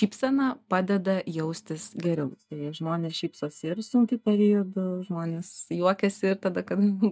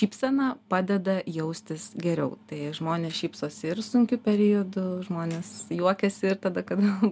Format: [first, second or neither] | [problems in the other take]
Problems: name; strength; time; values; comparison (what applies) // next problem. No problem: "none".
second | noise reduction (neural mask model DeepFilterNet 3)